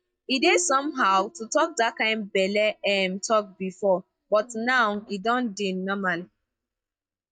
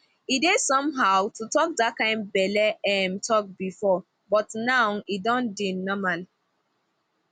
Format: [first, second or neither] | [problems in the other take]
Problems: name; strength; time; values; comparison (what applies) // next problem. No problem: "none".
second | noise reduction (neural mask model DeepFilterNet 3)